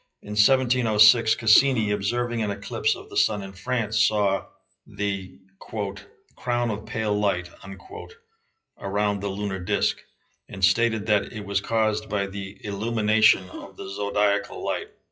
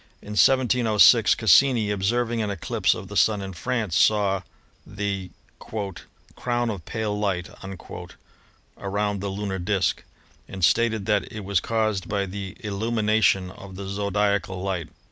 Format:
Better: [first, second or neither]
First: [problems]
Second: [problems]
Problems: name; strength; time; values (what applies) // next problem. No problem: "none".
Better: second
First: noise reduction (classical method WPE with log-MMSE)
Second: none